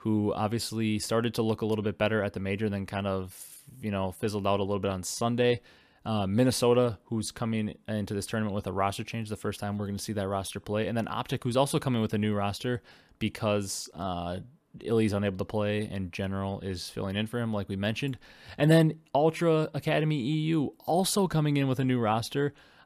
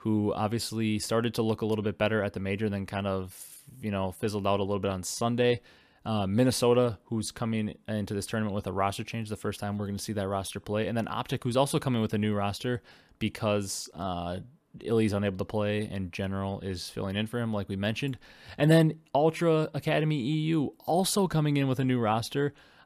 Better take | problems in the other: neither | none

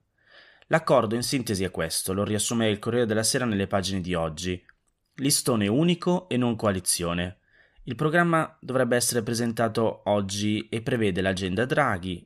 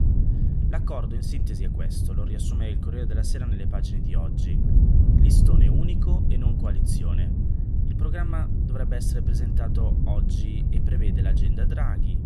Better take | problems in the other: first | wind noise on the microphone; heavy; 2 dB above the speech

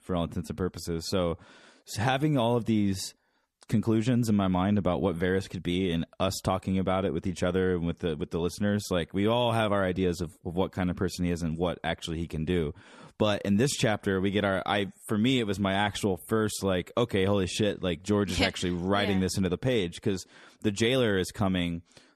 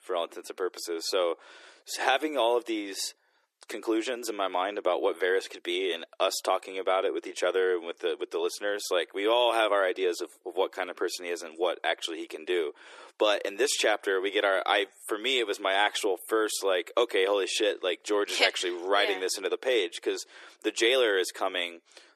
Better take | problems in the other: first | thin; very; fading below 350 Hz

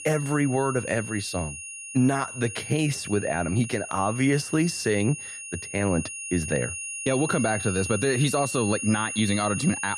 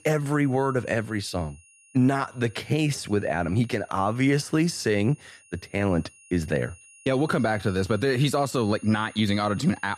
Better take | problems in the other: second | high-pitched whine; loud; throughout; 2.5 kHz, 7 dB below the speech; faint in the second

